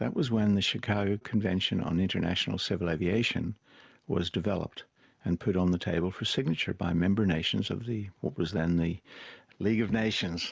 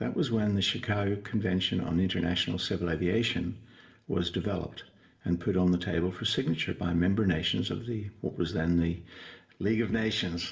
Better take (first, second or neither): first